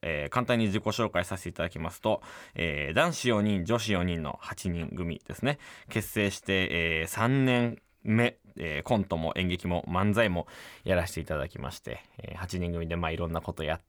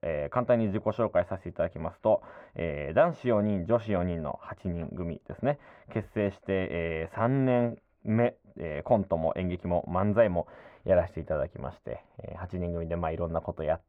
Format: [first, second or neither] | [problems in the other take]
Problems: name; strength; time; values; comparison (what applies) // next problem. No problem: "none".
first | muffled; very; fading above 3.5 kHz